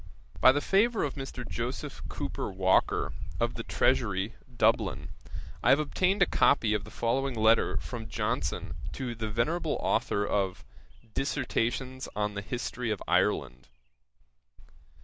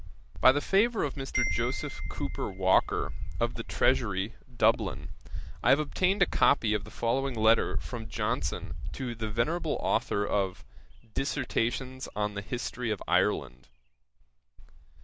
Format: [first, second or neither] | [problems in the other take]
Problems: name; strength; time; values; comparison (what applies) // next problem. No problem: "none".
first | background sound (Marimba, xylophone); 12 dB below the speech